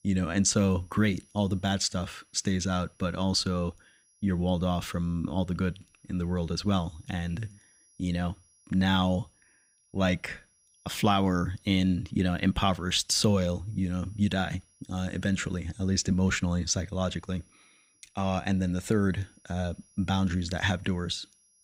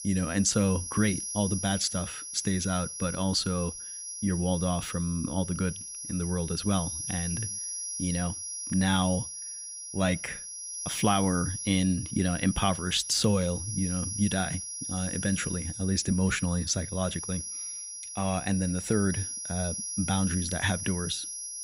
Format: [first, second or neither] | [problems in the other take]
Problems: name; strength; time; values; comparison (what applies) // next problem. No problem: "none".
first | high-pitched whine; loud; throughout; 10.5 kHz, 5 dB below the speech; faint in the first